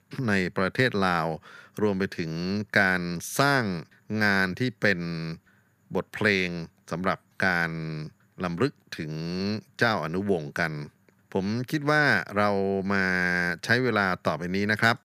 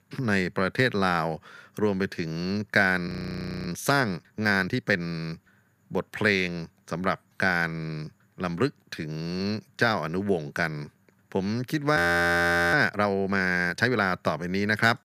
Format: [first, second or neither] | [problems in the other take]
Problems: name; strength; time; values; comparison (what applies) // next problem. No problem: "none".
first | audio freezing; at 3 s for 0.5 s and at 12 s for 1 s